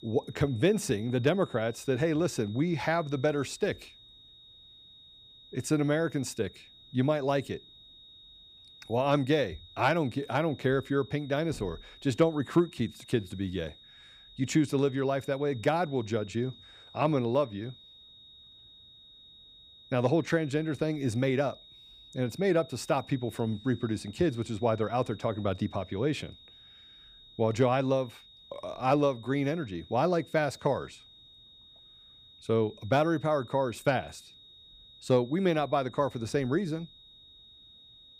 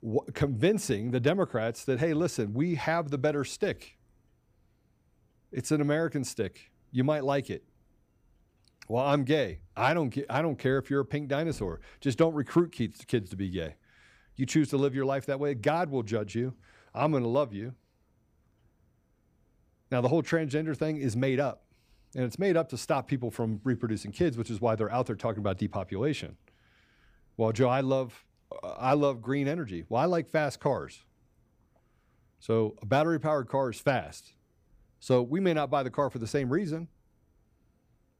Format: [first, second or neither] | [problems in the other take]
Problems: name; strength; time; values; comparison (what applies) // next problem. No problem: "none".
second | high-pitched whine; faint; throughout; 3.5 kHz, 20 dB below the speech